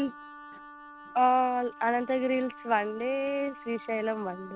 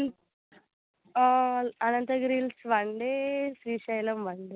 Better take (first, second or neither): second